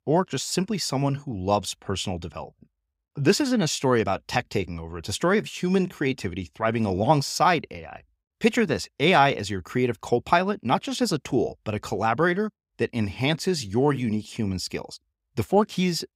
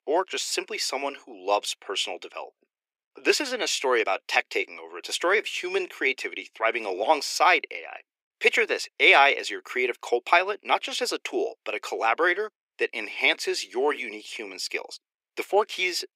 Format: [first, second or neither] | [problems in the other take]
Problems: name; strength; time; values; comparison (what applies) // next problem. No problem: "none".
first | thin; very; fading below 350 Hz